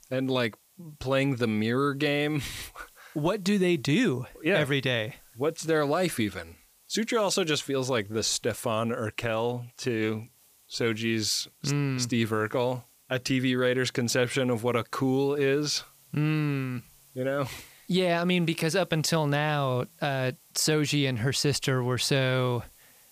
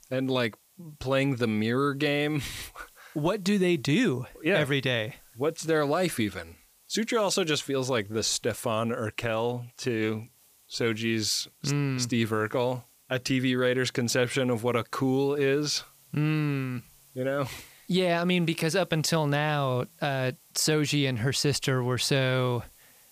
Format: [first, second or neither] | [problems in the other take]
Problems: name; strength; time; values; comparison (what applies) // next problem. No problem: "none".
neither | hiss; faint; throughout; 30 dB below the speech; the same in both